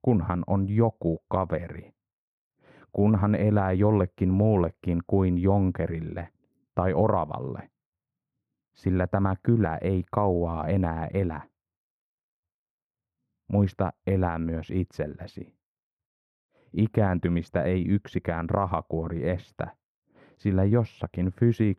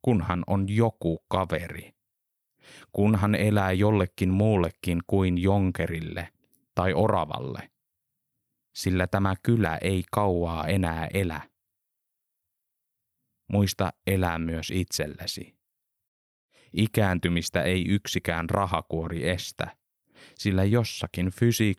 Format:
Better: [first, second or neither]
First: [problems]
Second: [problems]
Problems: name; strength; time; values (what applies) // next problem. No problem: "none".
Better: second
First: muffled; very; fading above 2.5 kHz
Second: none